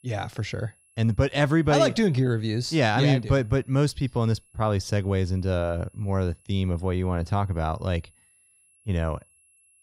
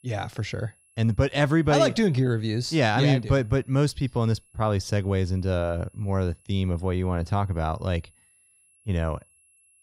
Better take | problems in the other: neither | high-pitched whine; faint; throughout; 11 kHz, 35 dB below the speech; the same in both

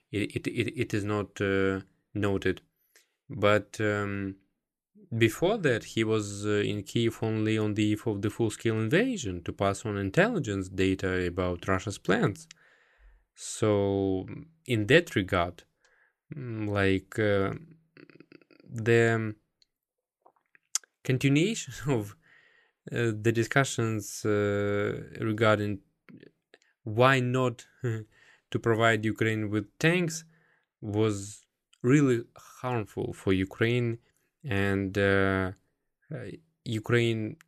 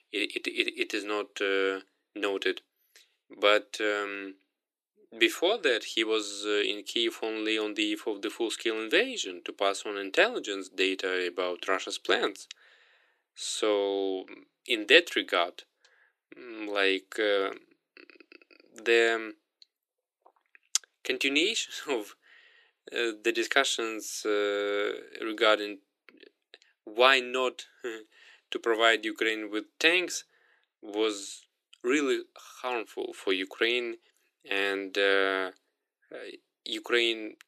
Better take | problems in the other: first | thin; somewhat; fading below 350 Hz

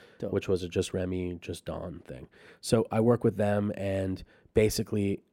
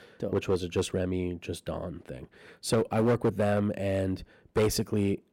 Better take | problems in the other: first | distortion; slight; 5% of the sound clipped

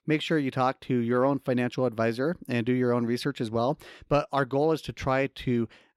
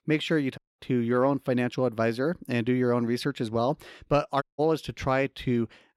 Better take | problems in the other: first | audio cutting out; at 0.5 s and at 4.5 s

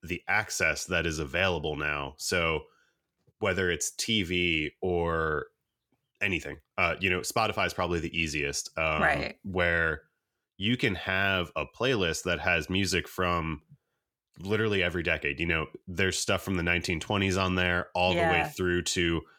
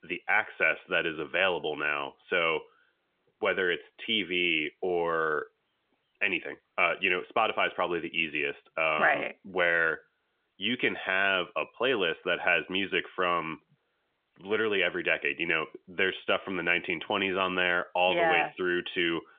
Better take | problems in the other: first | phone-call audio; nothing above 3 kHz

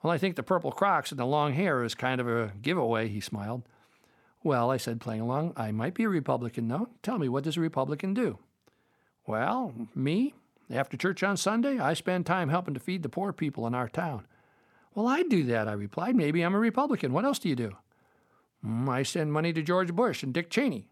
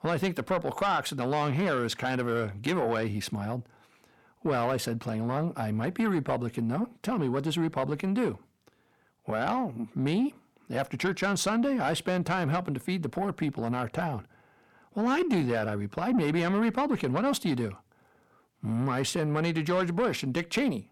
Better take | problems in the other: first | distortion; slight; 10 dB below the speech

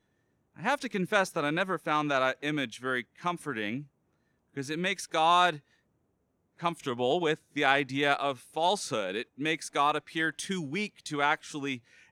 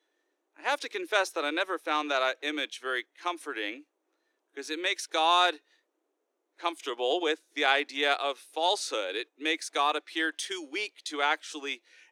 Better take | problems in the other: first | thin; somewhat; fading below 300 Hz

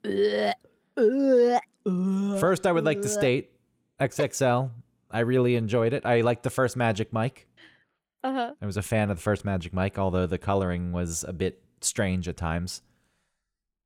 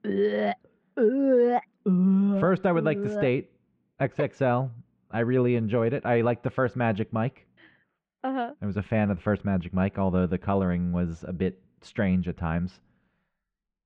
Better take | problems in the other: first | muffled; very; fading above 2.5 kHz

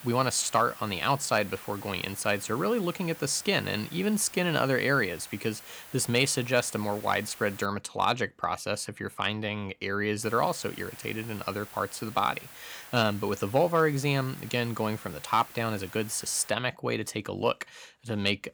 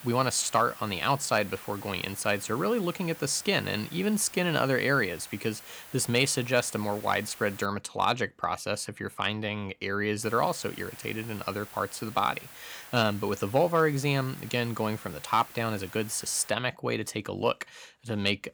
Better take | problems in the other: neither | hiss; noticeable; until 7.5 s and from 10 to 16 s; 15 dB below the speech; the same in both

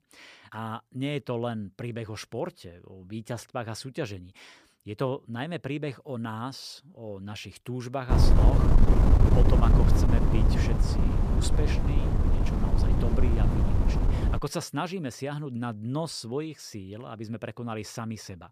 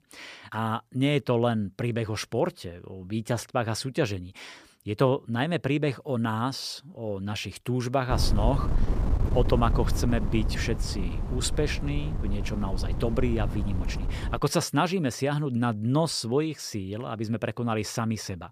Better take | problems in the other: second | wind noise on the microphone; heavy; from 8 to 14 s; 2 dB above the speech; occasional gusts in the second

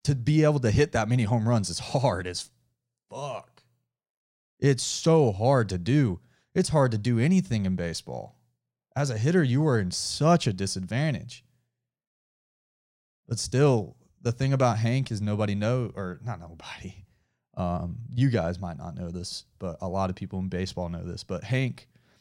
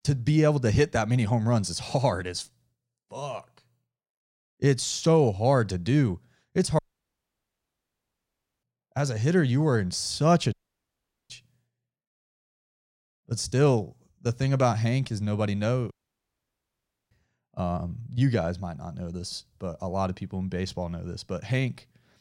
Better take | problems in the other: first | audio cutting out; at 7 s for 2 s, at 11 s for 1 s and at 16 s for 1 s

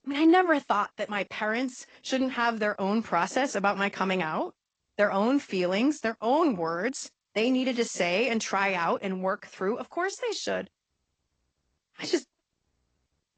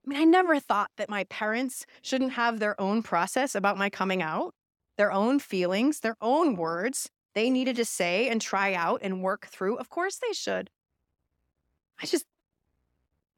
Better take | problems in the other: second | garbled, watery; slightly; nothing above 8 kHz

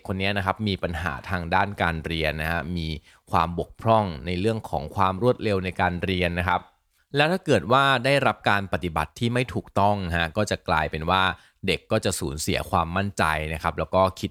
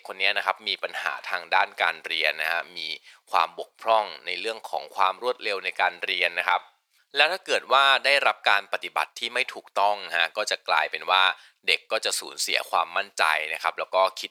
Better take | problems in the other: first | thin; very; fading below 550 Hz

